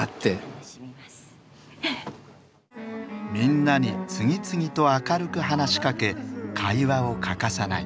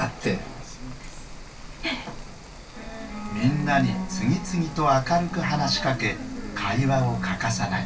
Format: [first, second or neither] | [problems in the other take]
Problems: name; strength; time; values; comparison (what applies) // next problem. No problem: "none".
first | background sound (Rain); 13 dB below the speech // room echo; dies away in 0.2 s